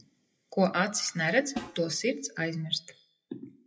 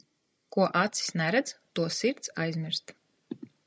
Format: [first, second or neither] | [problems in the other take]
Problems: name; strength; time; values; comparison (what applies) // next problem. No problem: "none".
second | noise reduction (classical method WPE with log-MMSE)